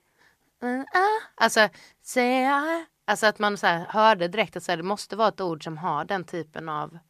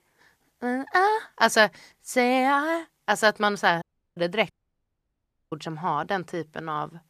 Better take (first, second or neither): first